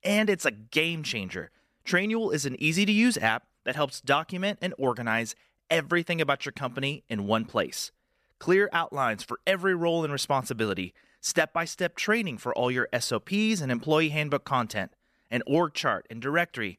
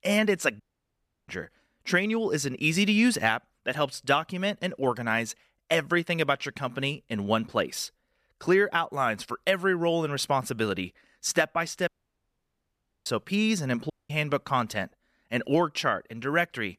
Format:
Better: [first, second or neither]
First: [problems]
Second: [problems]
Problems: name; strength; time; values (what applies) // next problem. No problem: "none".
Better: first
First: none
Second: audio cutting out; at 0.5 s for 0.5 s, at 12 s for 1 s and at 14 s